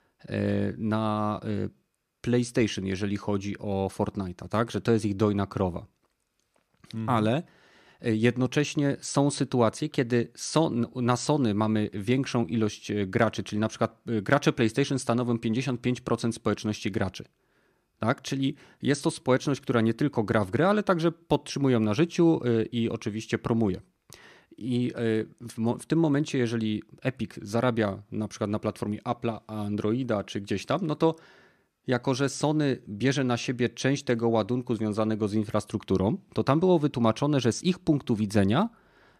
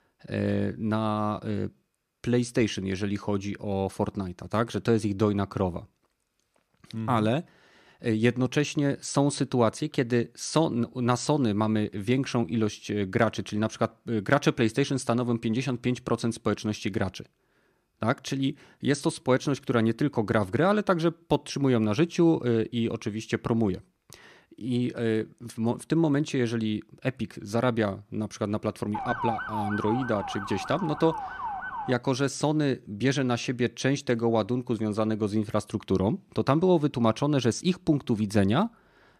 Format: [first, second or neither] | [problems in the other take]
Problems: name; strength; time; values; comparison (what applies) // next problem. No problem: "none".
first | siren; noticeable; from 29 to 32 s; peak 4 dB below the speech